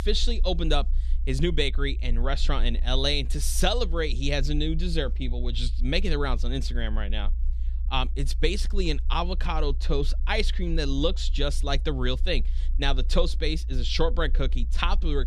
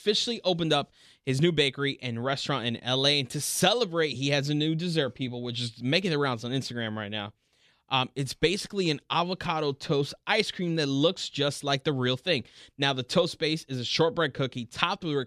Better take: second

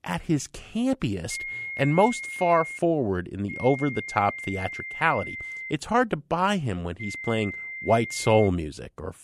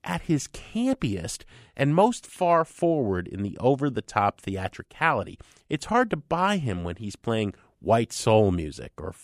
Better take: second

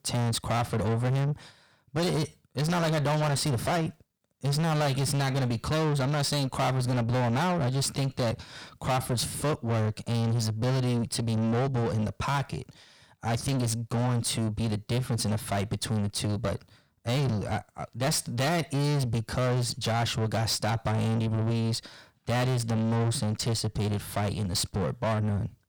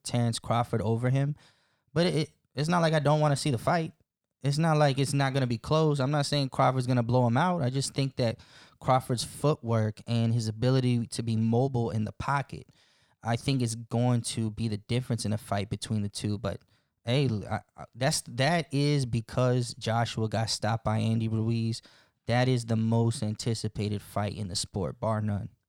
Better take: second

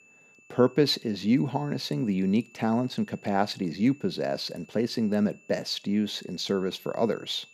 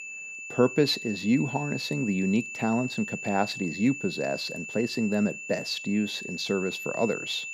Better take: first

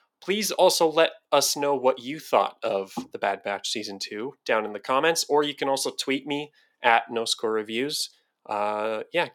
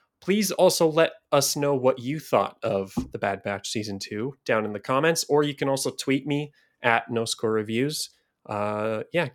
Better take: second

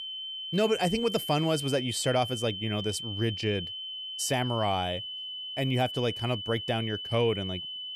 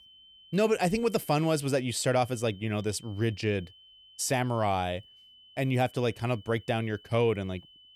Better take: second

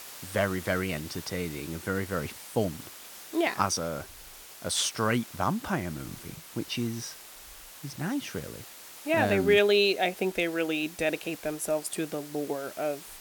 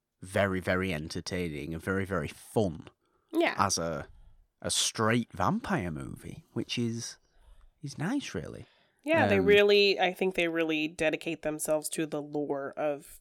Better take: second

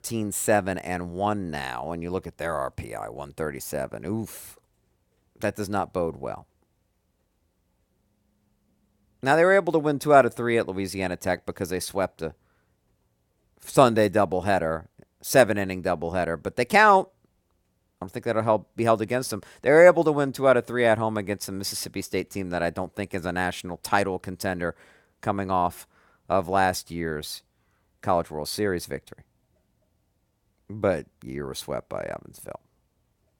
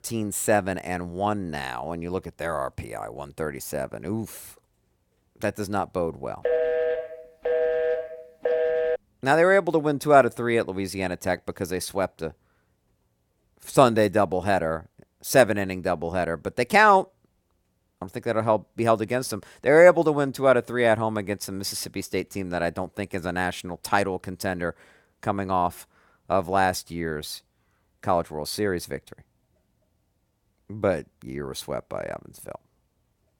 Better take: first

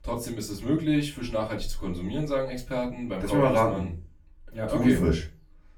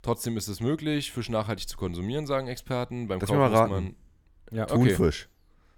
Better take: second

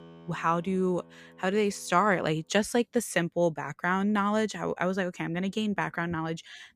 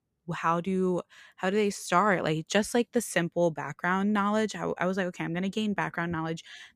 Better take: second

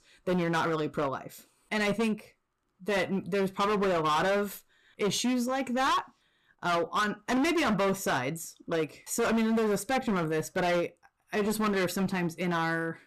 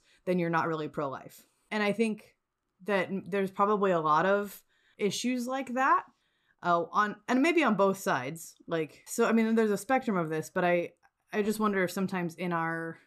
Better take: second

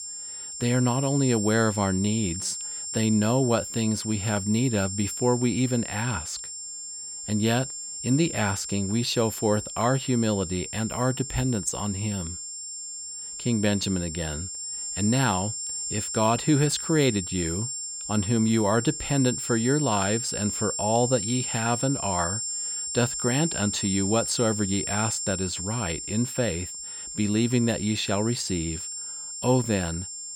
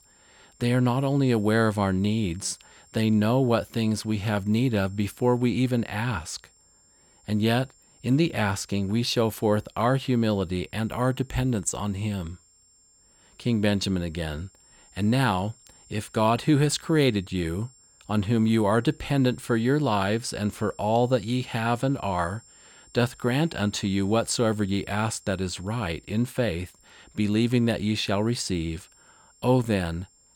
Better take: second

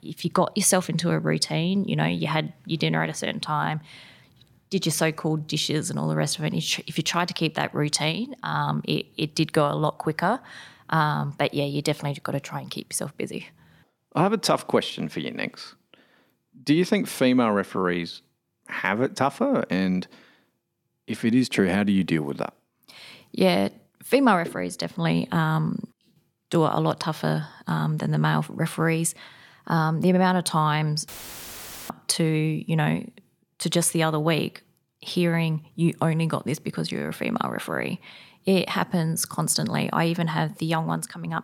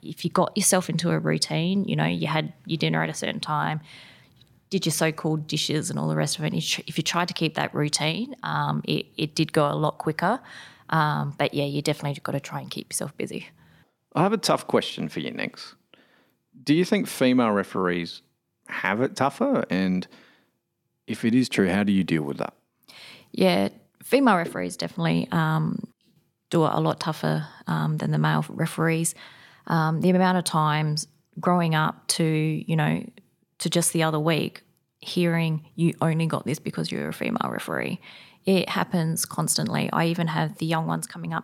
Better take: second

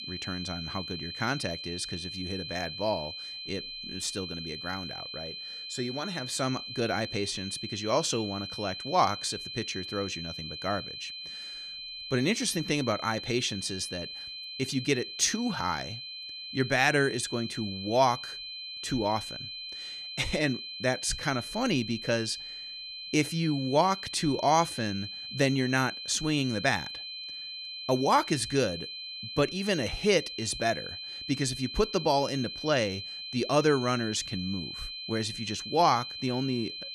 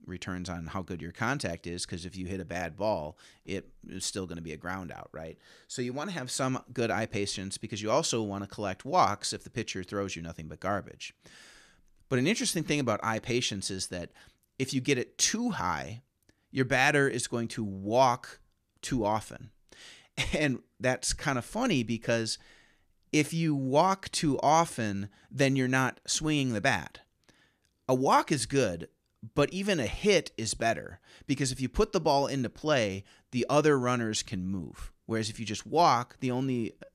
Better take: second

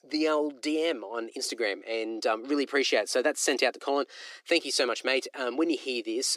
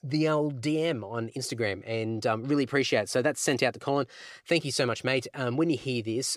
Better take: second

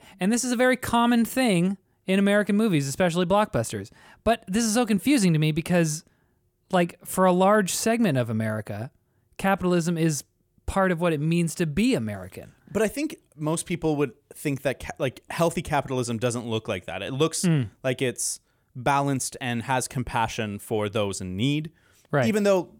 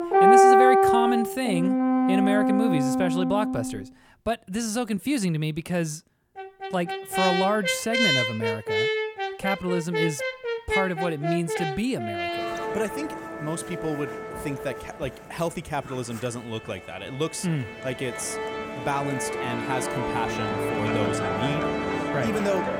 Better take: first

